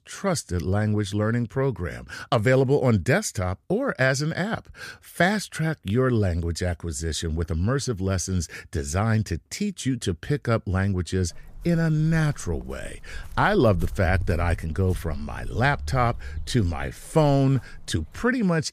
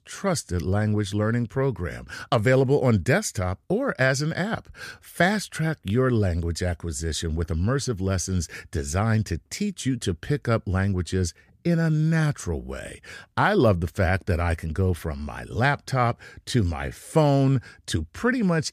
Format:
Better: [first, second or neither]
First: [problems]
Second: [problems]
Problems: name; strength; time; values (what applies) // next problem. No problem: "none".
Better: second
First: footsteps; noticeable; from 11 s on; peak 7 dB below the speech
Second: none